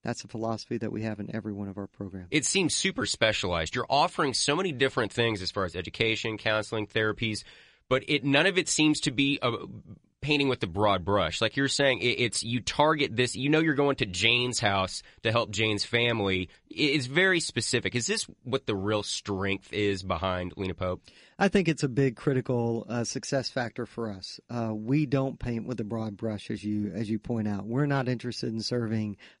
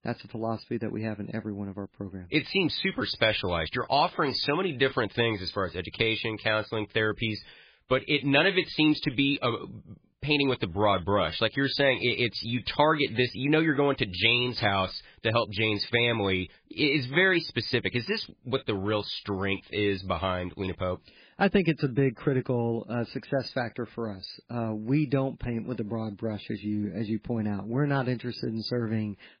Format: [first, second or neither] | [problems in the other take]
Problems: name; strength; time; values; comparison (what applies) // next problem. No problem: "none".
first | garbled, watery; badly; slightly in the first